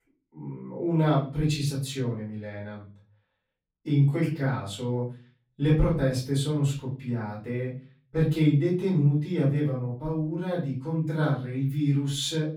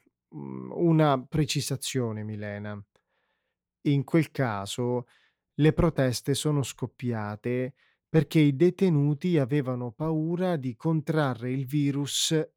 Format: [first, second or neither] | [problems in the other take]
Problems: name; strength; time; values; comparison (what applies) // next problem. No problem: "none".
second | off-mic speech; far // room echo; slight; dies away in 0.4 s